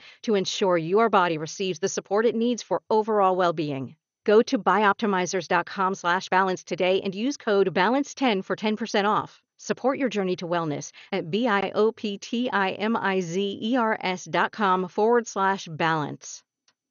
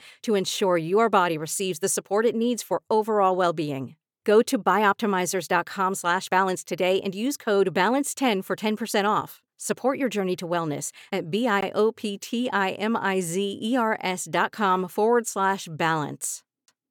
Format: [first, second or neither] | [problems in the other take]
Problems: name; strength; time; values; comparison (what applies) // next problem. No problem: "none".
second | garbled, watery; slightly; nothing above 6.5 kHz